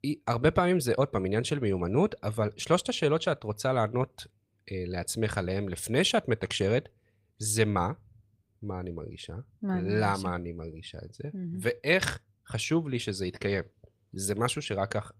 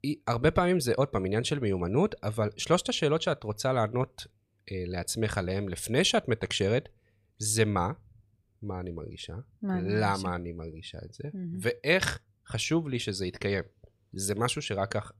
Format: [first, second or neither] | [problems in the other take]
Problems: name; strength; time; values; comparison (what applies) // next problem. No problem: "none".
second | garbled, watery; slightly; nothing above 15.5 kHz